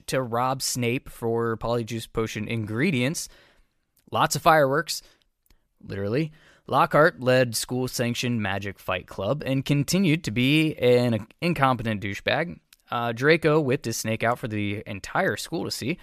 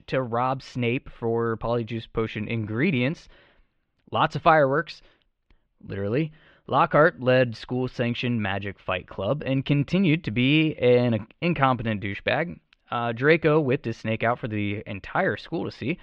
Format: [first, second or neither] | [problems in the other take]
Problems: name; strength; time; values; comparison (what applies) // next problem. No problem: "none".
first | muffled; slightly; fading above 3 kHz